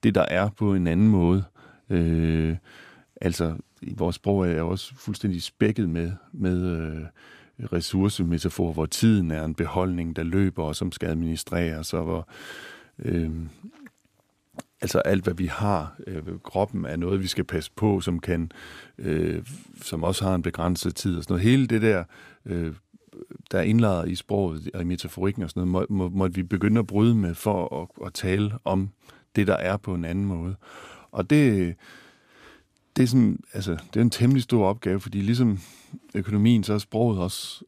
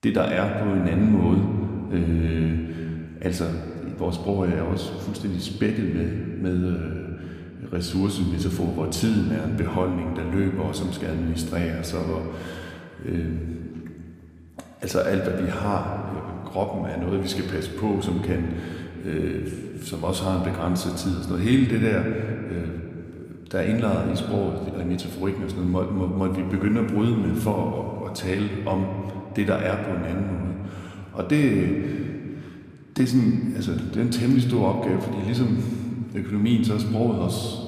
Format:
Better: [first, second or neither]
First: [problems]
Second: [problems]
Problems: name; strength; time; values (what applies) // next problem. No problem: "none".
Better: first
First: none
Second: room echo; slight; dies away in 2.4 s